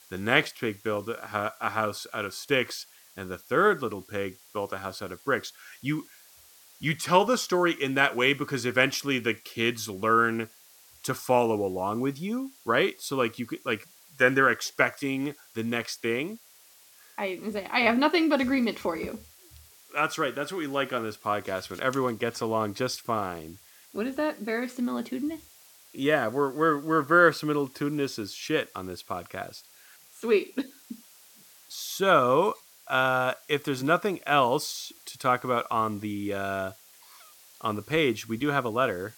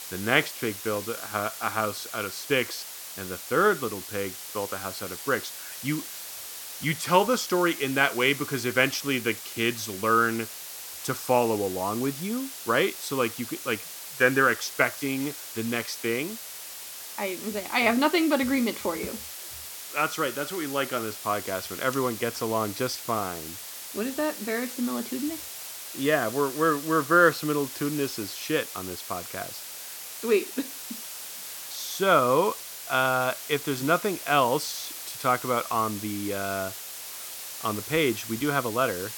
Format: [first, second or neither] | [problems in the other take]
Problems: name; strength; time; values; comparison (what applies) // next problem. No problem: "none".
first | hiss; loud; throughout; 9 dB below the speech; faint in the first